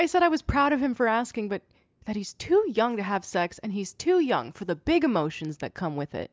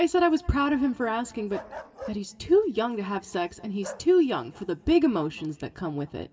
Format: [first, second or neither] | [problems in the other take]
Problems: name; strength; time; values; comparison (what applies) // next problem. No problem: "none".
first | background sound (Bark); 18 dB below the speech // room echo; dies away in 2.5 s